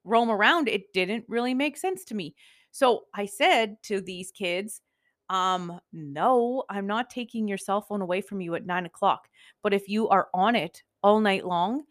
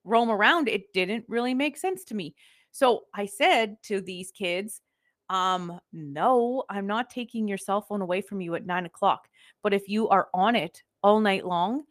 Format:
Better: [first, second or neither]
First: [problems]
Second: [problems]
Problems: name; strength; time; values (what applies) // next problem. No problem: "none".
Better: first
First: none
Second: garbled, watery; slightly; nothing above 14.5 kHz